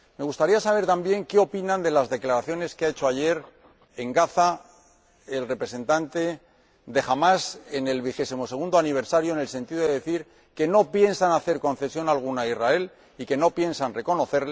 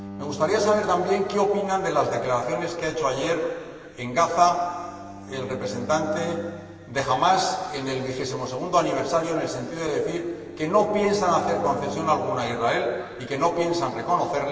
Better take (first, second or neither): first